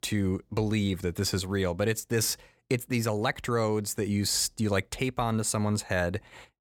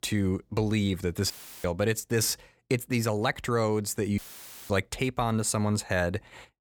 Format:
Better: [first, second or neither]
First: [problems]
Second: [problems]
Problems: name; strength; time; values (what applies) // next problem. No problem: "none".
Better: first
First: none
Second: audio cutting out; filled with static; at 1.5 s and at 4 s for 0.5 s